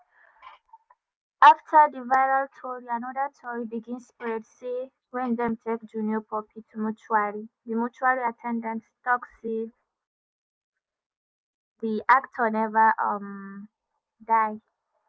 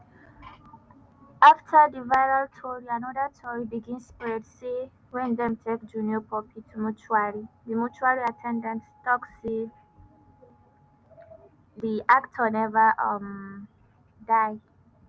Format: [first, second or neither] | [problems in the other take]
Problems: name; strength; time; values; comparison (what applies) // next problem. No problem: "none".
second | noise reduction (neural mask model Resemble Enhance denoiser)